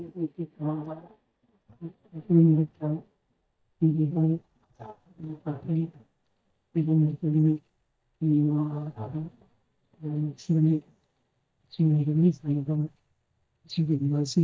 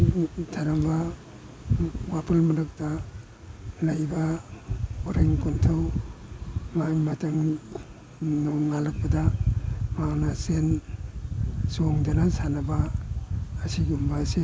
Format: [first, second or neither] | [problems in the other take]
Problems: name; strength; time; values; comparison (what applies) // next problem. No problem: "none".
second | noise reduction (neural mask model DeepFilterNet 3)